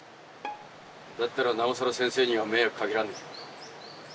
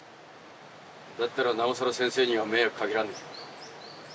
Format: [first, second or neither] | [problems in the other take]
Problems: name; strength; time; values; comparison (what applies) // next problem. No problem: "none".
second | background sound (Bowed string instrument); 17 dB below the speech